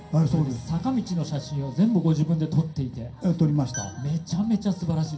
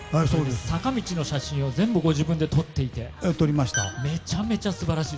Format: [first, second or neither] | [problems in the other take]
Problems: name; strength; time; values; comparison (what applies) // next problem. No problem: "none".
second | room echo; dies away in 0.3 s